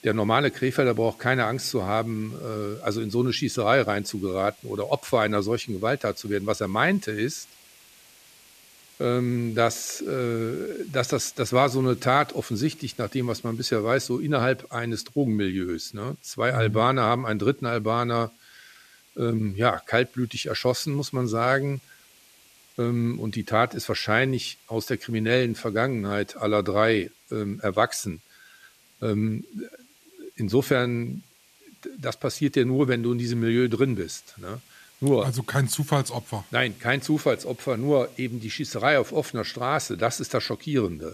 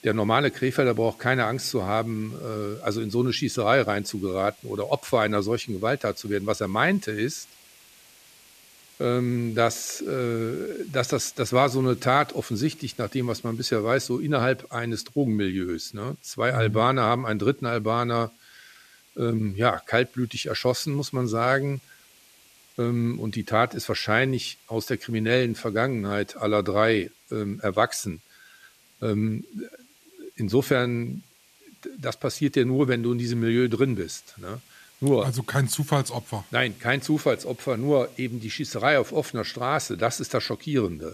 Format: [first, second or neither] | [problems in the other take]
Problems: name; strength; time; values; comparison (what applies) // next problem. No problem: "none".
neither | hiss; faint; throughout; 25 dB below the speech; the same in both